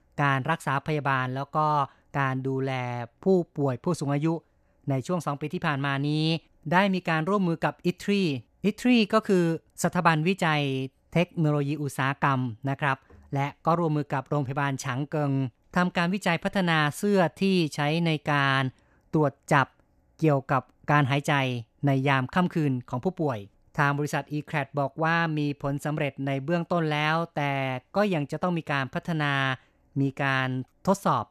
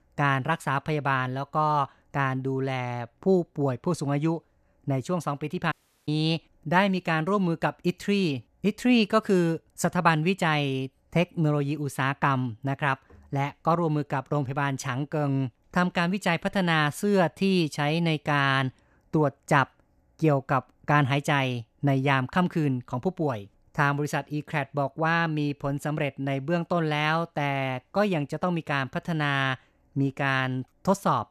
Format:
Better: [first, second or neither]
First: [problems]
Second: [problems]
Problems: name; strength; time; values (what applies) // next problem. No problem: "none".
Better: first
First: none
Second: audio cutting out; at 5.5 s